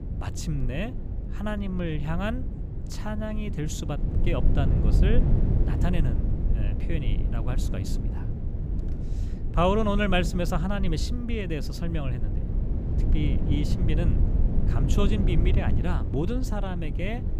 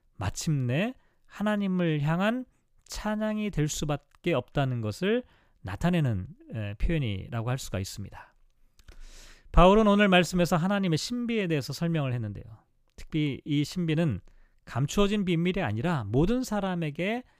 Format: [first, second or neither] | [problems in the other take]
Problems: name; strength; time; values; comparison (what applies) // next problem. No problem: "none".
second | low rumble; loud; throughout; 8 dB below the speech